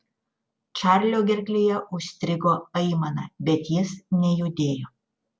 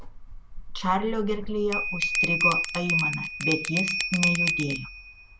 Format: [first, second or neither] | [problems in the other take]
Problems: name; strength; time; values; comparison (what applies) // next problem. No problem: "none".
first | background sound (Bell); 1 dB above the speech